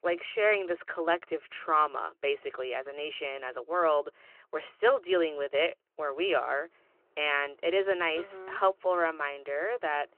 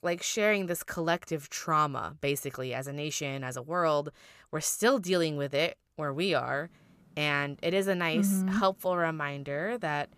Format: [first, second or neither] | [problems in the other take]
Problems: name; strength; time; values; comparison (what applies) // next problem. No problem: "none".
second | phone-call audio